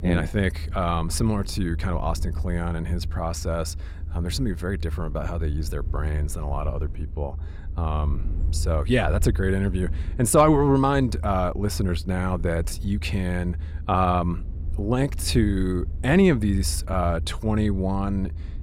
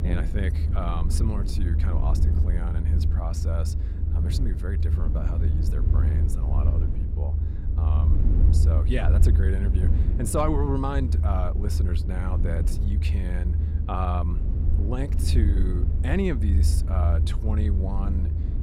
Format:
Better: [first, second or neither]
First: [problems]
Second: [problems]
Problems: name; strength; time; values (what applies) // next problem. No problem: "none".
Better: first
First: low rumble; faint; throughout; 20 dB below the speech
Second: low rumble; loud; throughout; 6 dB below the speech